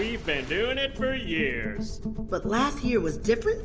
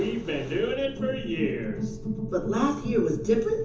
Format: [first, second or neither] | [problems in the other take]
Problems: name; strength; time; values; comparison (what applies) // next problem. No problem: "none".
first | room echo; dies away in 0.7 s